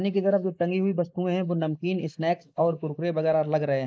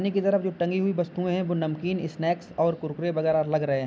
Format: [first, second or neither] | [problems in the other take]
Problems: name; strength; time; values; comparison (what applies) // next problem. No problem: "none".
second | noise reduction (neural mask model Resemble Enhance denoiser)